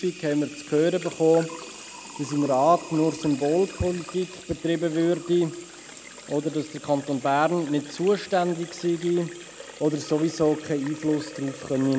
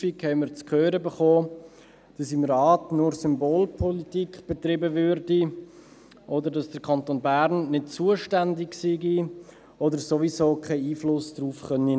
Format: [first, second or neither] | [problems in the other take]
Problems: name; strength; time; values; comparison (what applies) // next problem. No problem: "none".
second | background sound (Sink (filling or washing) / Water tap, faucet); 16 dB below the speech